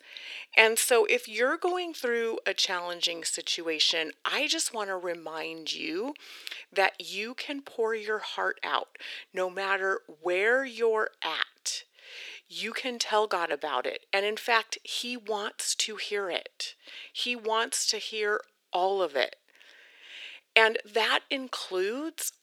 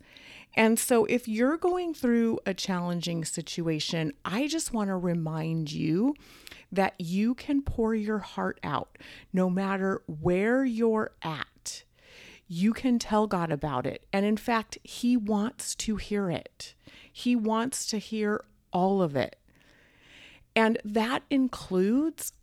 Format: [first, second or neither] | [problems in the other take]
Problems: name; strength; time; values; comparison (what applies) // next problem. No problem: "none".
second | thin; very; fading below 400 Hz